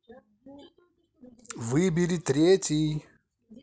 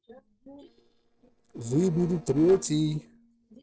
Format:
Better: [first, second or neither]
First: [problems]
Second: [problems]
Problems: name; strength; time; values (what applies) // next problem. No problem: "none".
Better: first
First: none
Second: noise reduction (neural separator model SepFormer DNS4)